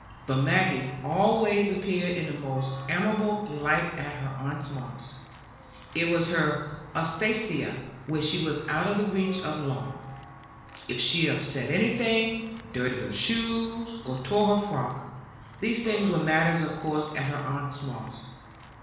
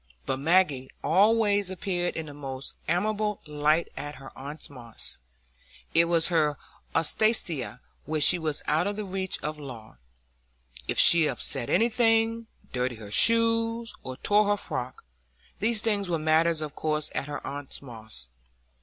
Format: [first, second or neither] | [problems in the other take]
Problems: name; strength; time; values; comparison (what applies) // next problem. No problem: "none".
second | background sound (Walk, footsteps / Bell); 18 dB below the speech // room echo; dies away in 1.1 s